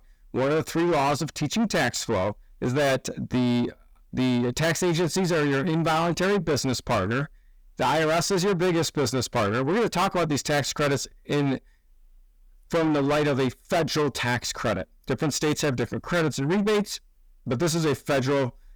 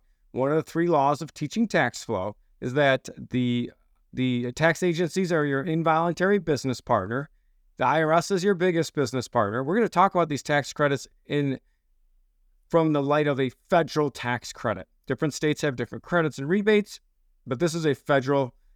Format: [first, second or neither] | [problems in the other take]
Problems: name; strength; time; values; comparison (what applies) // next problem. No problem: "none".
second | distortion; heavy; 6 dB below the speech